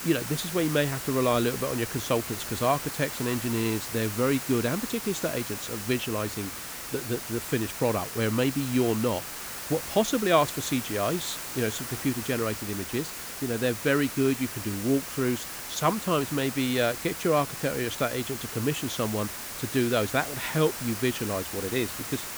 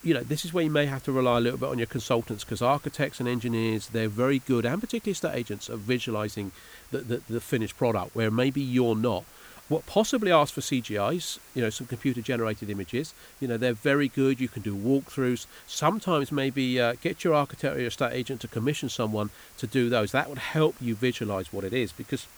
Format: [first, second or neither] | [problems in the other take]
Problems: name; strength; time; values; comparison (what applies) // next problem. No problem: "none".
second | hiss; loud; throughout; 6 dB below the speech; faint in the second